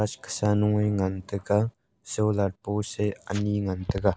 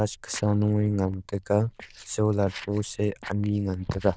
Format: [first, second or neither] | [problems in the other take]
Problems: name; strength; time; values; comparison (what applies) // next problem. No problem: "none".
first | noise reduction (neural diffusion model UNIVERSE++)